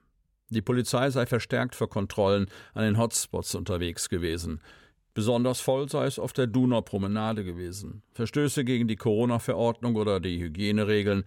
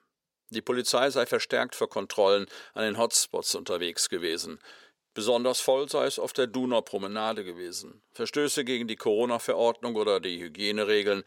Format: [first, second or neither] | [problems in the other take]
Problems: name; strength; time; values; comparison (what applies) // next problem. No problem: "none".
first | thin; somewhat; fading below 450 Hz